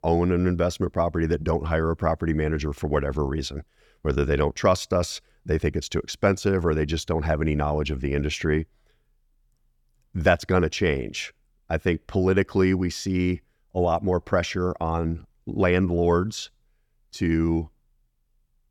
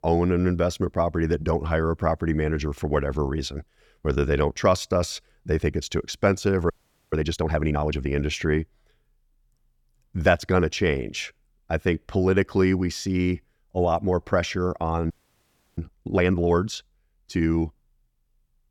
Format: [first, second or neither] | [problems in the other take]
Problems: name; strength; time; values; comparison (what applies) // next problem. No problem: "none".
first | audio freezing; at 6.5 s and at 15 s for 0.5 s